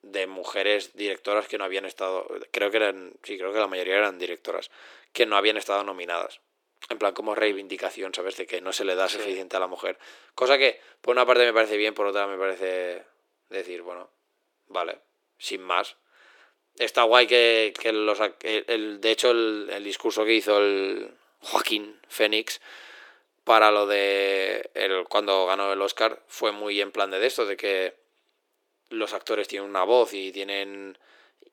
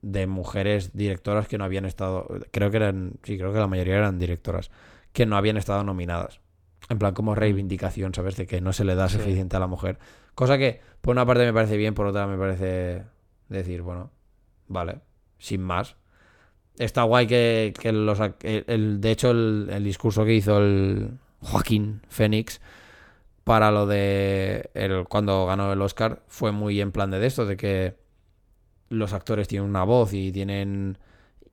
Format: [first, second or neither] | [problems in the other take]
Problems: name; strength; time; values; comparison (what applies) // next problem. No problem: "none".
second | thin; very; fading below 350 Hz